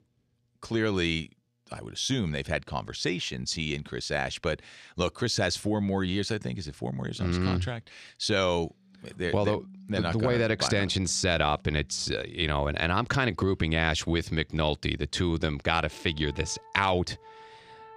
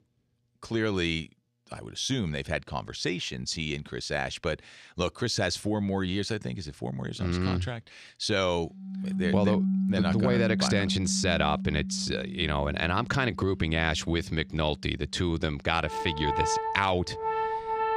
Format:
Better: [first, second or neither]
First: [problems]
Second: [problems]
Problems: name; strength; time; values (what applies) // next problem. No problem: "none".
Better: first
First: background music; faint; from 9 s on; 25 dB below the speech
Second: background music; loud; from 9 s on; 2 dB below the speech